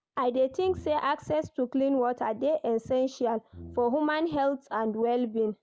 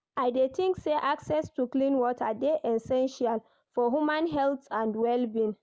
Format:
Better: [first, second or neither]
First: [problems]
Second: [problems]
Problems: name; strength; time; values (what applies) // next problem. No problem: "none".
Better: second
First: background sound (Brass instrument); 20 dB below the speech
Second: none